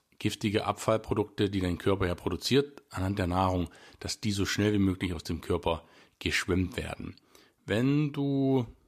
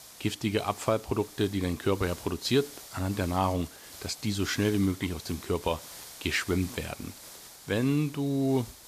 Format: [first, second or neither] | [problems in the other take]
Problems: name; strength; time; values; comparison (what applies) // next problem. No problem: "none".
first | hiss; noticeable; throughout; 15 dB below the speech